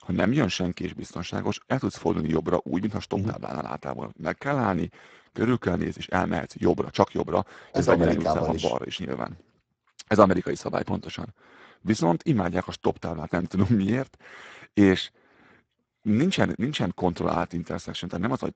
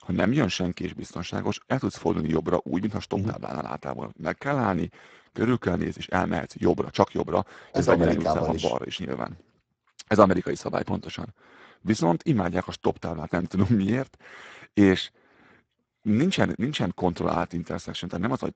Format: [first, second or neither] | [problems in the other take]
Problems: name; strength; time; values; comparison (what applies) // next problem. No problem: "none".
neither | garbled, watery; badly; nothing above 8 kHz; the same in both